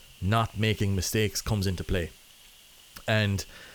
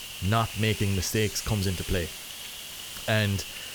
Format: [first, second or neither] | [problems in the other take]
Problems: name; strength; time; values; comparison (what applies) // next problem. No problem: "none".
first | hiss; loud; throughout; 8 dB below the speech; faint in the first